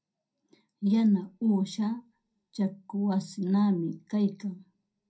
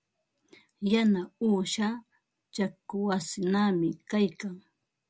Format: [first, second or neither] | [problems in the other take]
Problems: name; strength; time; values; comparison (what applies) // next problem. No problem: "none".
second | room echo; dies away in 0.2 s